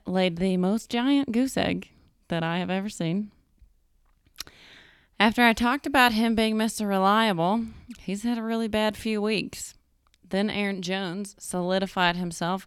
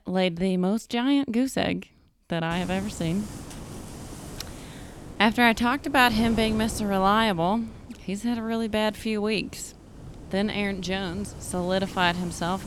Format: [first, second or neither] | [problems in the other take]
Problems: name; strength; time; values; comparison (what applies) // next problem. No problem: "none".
first | wind noise on the microphone; occasional gusts; from 2.5 s on; 20 dB below the speech